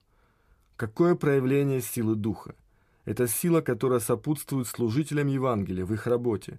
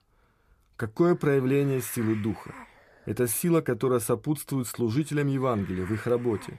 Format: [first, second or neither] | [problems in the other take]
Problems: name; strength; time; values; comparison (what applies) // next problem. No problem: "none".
first | hiss; faint; throughout; 20 dB below the speech